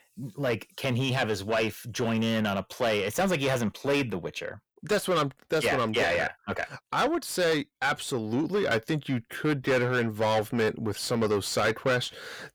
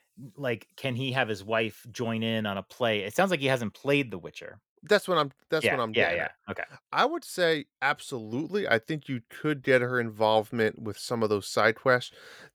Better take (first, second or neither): second